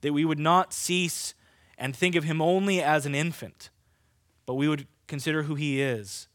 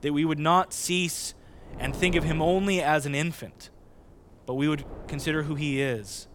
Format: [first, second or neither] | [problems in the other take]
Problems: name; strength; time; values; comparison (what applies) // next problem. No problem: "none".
first | wind noise on the microphone; occasional gusts; 15 dB below the speech